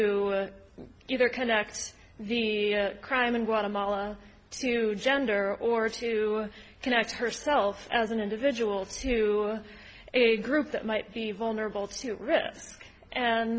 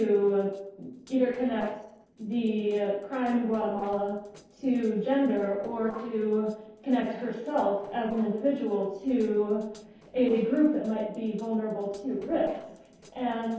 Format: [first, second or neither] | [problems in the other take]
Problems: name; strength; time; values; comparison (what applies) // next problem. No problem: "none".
first | noise reduction (neural separator model SepFormer DNS4)